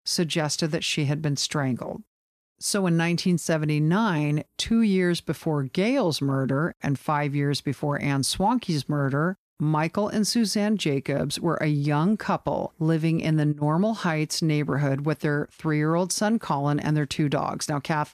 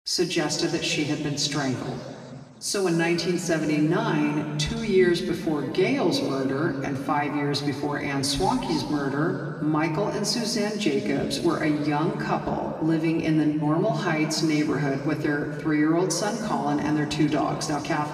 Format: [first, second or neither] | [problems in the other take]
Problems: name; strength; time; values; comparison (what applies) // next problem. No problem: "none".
first | room echo; slight; dies away in 2.3 s // off-mic speech; somewhat distant